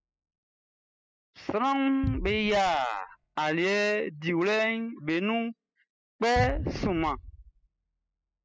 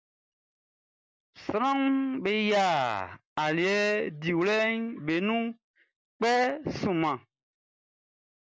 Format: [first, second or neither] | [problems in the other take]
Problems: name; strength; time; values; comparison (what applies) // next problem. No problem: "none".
second | noise reduction (classical method spectral subtraction)